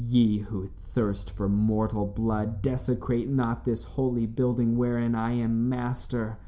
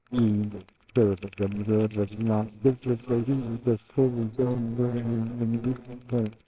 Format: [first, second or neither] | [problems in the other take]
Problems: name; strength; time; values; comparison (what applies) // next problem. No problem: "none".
first | noise reduction (neural separator model SepFormer WHAMR!)